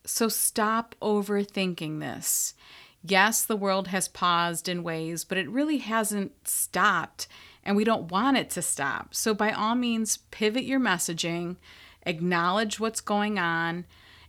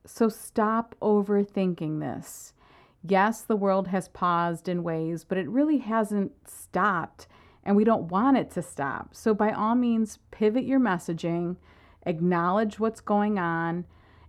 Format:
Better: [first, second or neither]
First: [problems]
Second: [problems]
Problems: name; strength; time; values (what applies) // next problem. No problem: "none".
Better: first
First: none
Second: muffled; very; fading above 2 kHz